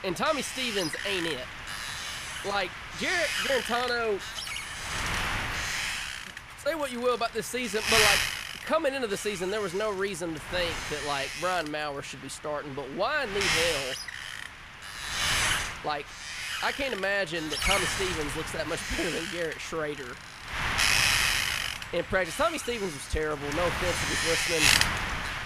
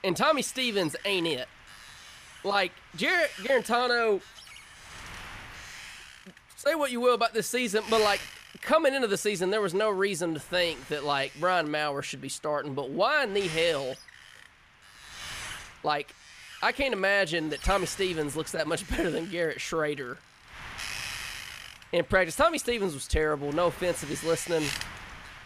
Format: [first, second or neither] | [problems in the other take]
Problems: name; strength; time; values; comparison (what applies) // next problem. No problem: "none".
second | wind noise on the microphone; heavy; 2 dB above the speech; occasional gusts in the second